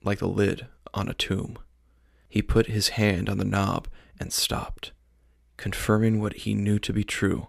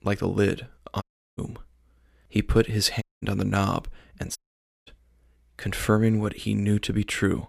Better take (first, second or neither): first